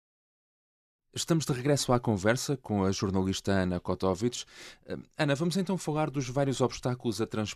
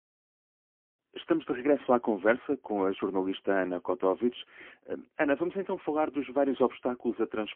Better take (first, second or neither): first